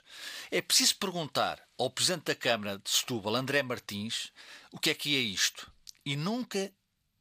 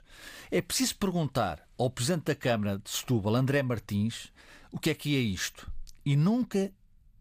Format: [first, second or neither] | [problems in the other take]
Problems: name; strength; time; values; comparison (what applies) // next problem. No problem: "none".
second | thin; somewhat; fading below 1 kHz